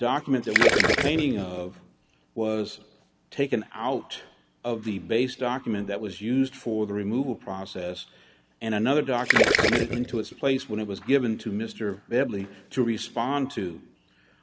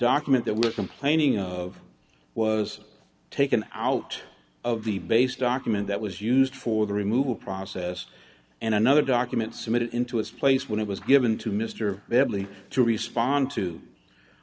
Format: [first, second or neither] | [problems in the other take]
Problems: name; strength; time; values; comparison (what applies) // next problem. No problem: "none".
second | background sound (Gurgling); 3 dB above the speech